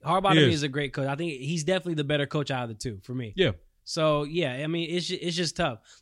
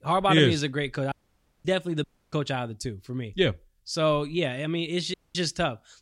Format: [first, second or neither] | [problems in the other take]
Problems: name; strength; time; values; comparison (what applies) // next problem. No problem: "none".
first | audio cutting out; at 1 s for 0.5 s, at 2 s and at 5 s